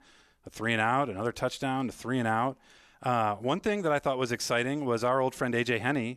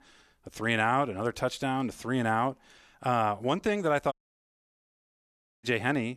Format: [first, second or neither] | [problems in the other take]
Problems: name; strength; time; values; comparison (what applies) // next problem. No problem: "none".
first | audio cutting out; at 4 s for 1.5 s